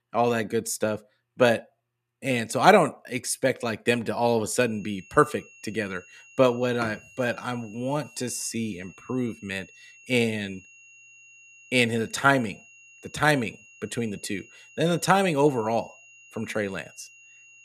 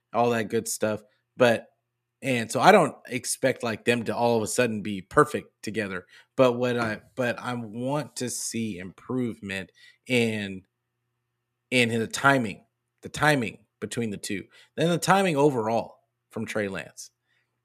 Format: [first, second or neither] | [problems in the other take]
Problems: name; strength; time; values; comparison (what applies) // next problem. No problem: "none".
second | high-pitched whine; faint; from 4.5 s on; 2.5 kHz, 25 dB below the speech